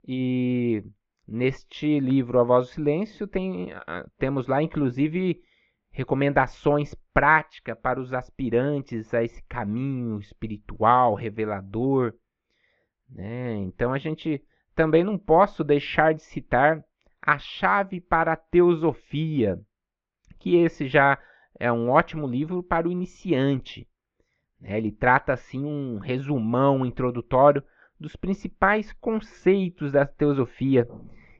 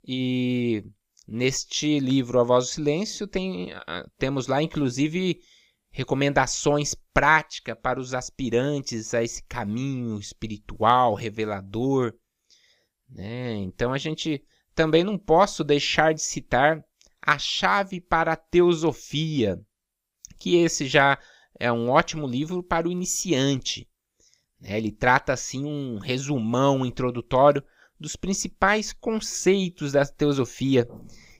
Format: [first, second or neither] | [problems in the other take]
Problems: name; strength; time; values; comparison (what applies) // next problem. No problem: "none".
second | muffled; very; fading above 2 kHz